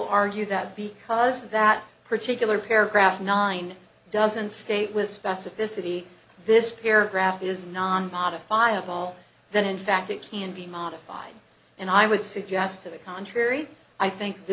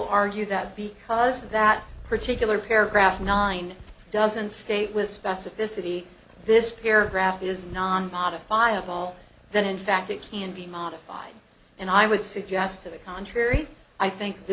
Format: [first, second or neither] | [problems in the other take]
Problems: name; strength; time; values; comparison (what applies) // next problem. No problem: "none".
first | background sound (Purr); 17 dB below the speech